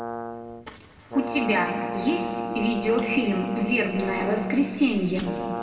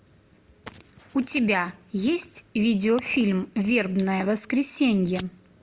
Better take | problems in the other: second | background sound (Brass instrument); 7 dB below the speech // room echo; dies away in 2 s

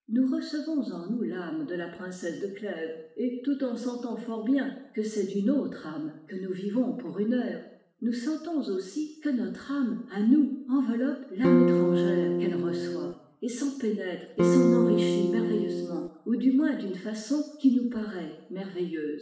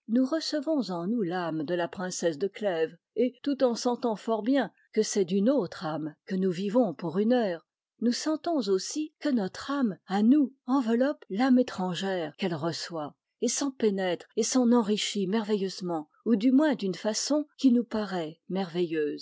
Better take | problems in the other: second | background sound (Electric guitar / Strum); 4 dB above the speech // room echo; dies away in 0.8 s

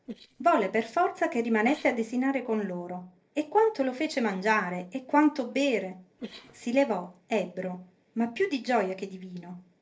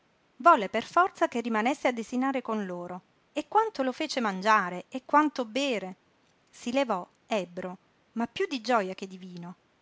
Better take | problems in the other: second | noise reduction (neural separator model SepFormer DNS4)

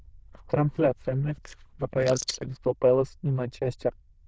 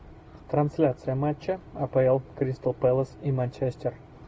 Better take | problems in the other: second | noise reduction (neural diffusion model UNIVERSE++)

